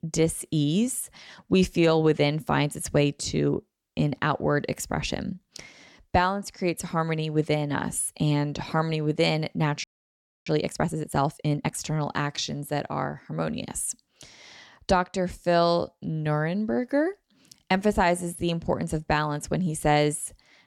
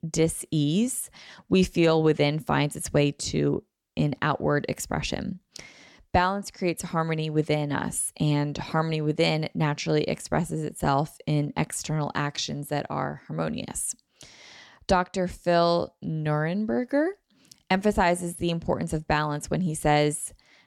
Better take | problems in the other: second | audio freezing; at 10 s for 0.5 s

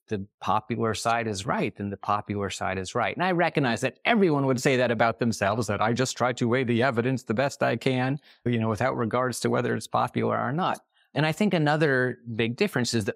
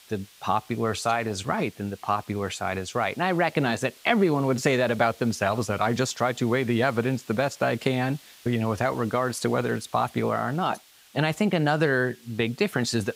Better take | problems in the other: first | hiss; faint; throughout; 25 dB below the speech

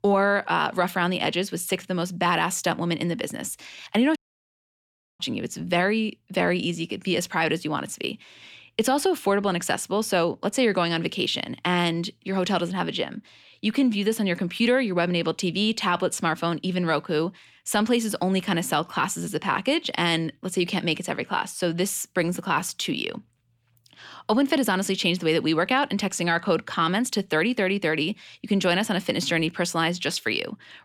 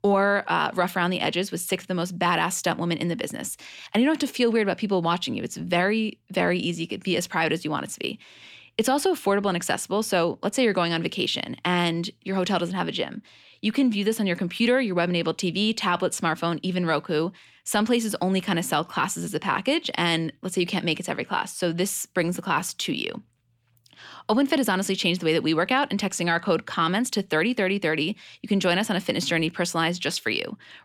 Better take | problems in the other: second | audio cutting out; at 4 s for 1 s

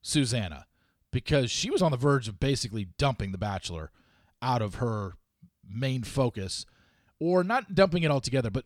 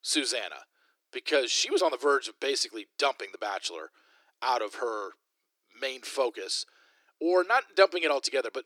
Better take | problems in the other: first | thin; very; fading below 300 Hz

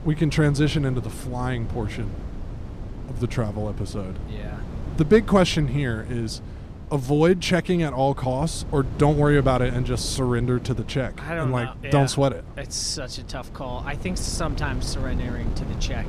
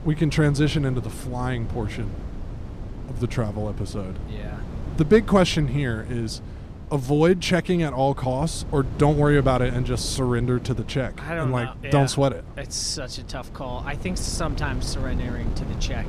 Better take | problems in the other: neither | wind noise on the microphone; occasional gusts; 15 dB below the speech; the same in both

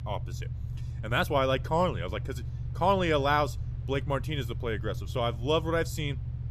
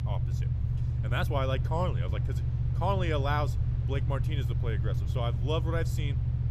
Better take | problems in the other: first | low rumble; loud; throughout; 9 dB below the speech; faint in the first

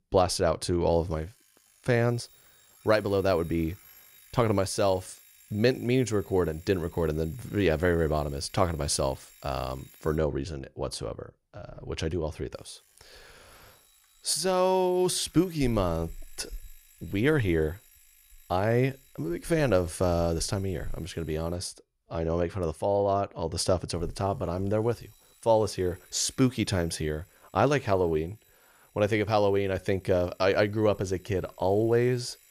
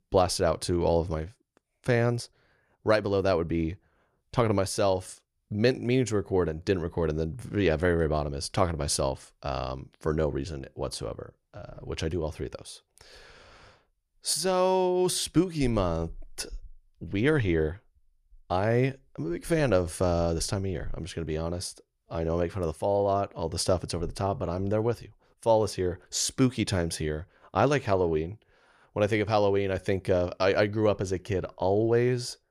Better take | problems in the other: second | alarms or sirens; faint; throughout; 25 dB below the speech

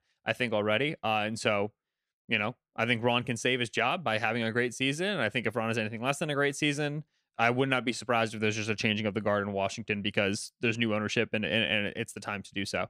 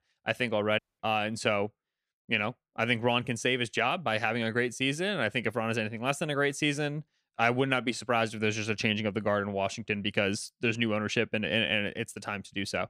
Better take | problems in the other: first | audio cutting out; at 1 s

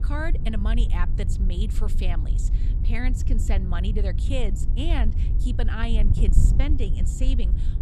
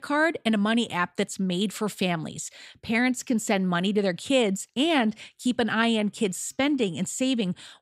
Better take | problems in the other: second | wind noise on the microphone; heavy; 7 dB below the speech

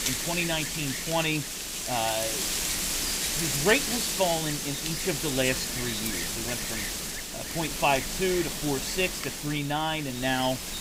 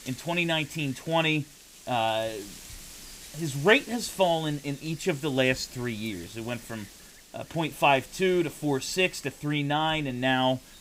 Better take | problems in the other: second | wind noise on the microphone; heavy; 2 dB below the speech; occasional gusts in the second

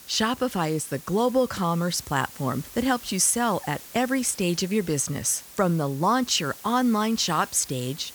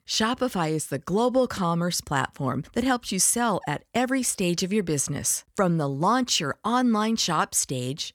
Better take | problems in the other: second | hiss; noticeable; throughout; 15 dB below the speech

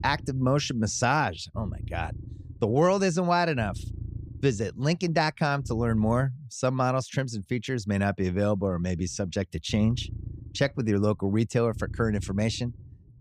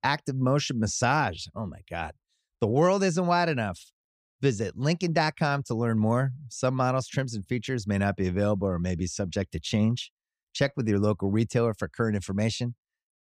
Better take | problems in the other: second | low rumble; faint; until 6 s and from 8.5 s on; 25 dB below the speech

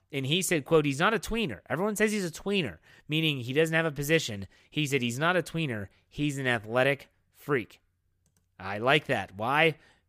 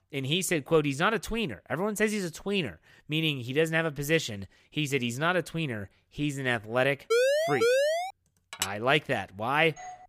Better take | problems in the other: first | siren; loud; from 7 to 8 s; peak 4 dB above the speech // clattering dishes; noticeable; at 8.5 s; peak 5 dB below the speech // doorbell; faint; at 10 s; peak 15 dB below the speech

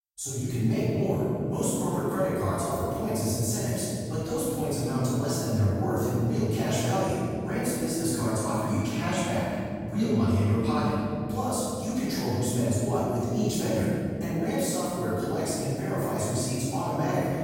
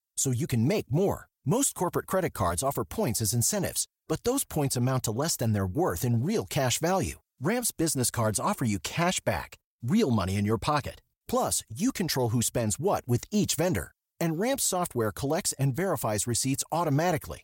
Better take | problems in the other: second | room echo; strong; dies away in 3 s // off-mic speech; far

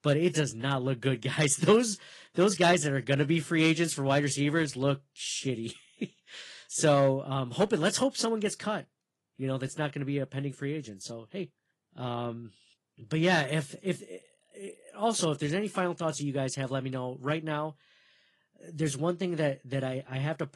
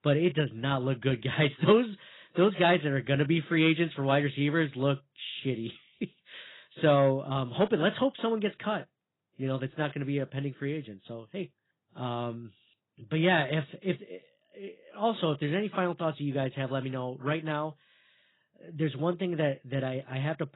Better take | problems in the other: first | garbled, watery; badly; nothing above 4 kHz; slightly in the first

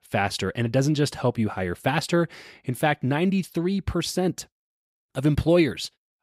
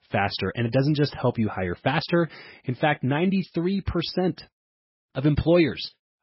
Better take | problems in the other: first | garbled, watery; badly; nothing above 5.5 kHz

